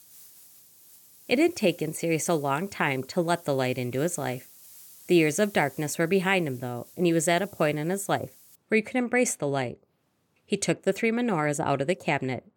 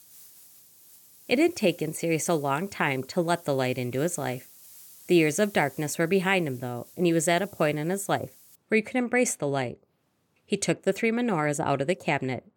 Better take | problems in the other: neither | hiss; faint; until 8.5 s; 20 dB below the speech; the same in both

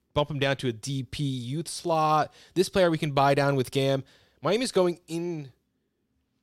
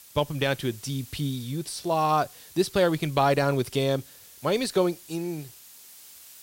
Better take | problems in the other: first | hiss; noticeable; throughout; 20 dB below the speech

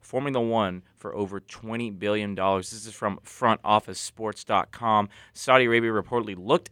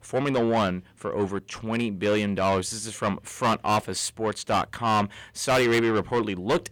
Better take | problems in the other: first | distortion; heavy; 6 dB below the speech

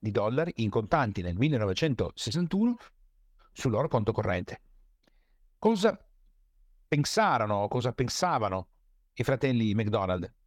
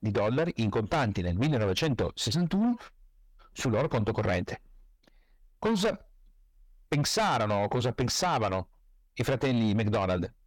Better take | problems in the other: first | distortion; heavy; 8 dB below the speech

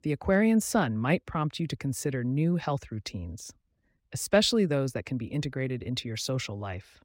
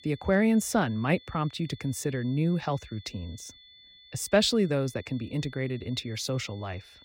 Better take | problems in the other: first | high-pitched whine; faint; throughout; 3.5 kHz, 25 dB below the speech

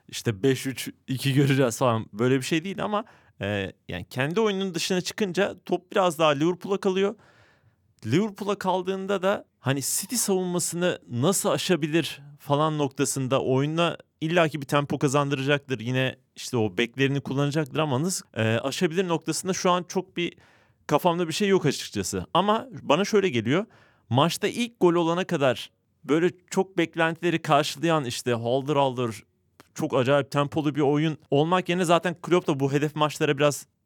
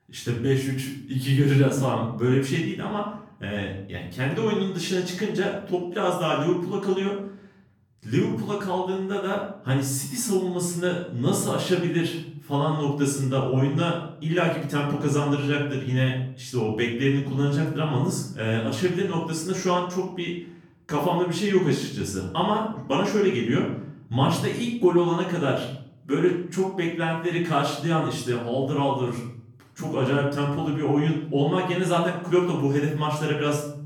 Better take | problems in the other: first | off-mic speech; far // room echo; noticeable; dies away in 0.6 s

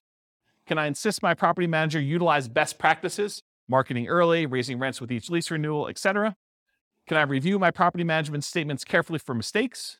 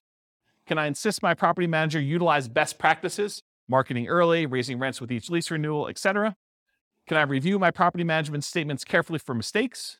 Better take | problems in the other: neither | none

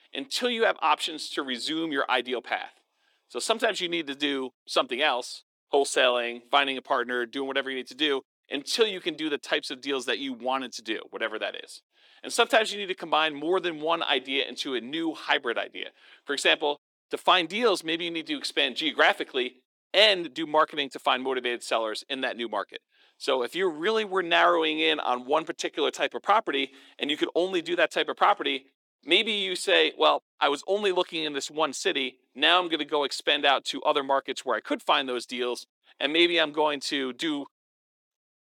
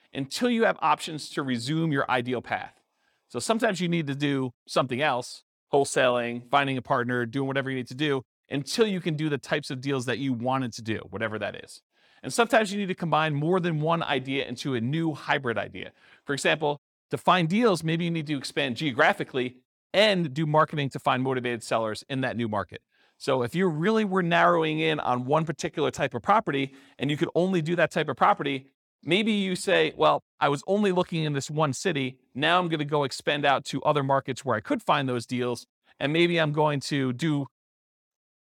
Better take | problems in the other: second | thin; somewhat; fading below 300 Hz

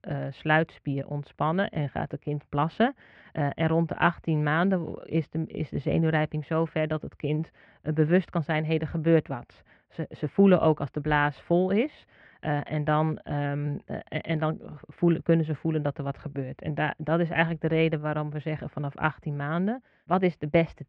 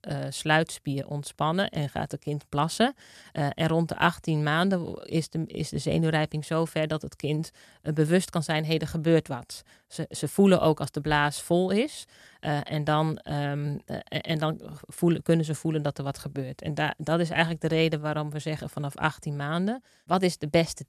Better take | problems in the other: second | muffled; very; fading above 2.5 kHz

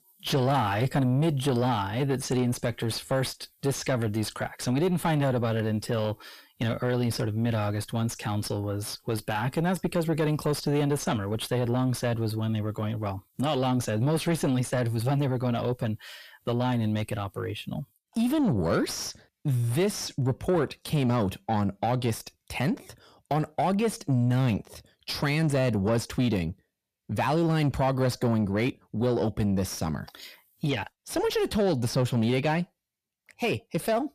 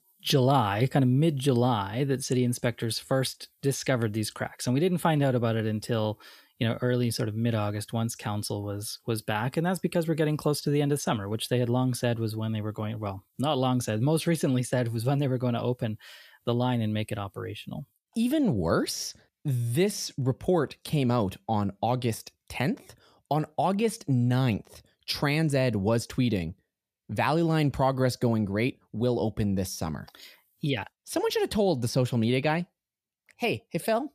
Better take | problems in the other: second | distortion; slight; 10 dB below the speech

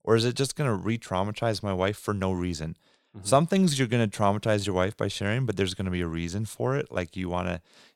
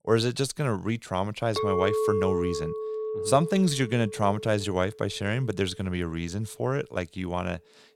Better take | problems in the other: first | clattering dishes; loud; from 1.5 to 4.5 s; peak 2 dB above the speech

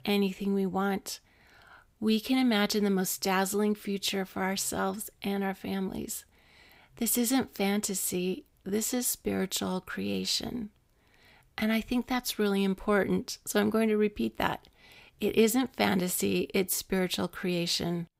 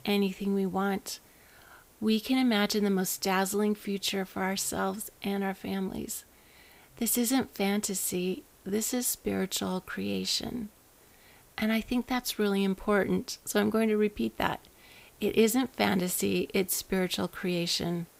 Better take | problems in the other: first | hiss; faint; throughout; 30 dB below the speech

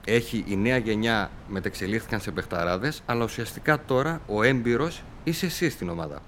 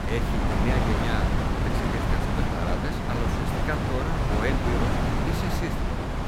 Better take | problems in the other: first | wind noise on the microphone; heavy; 5 dB above the speech; occasional gusts in the first

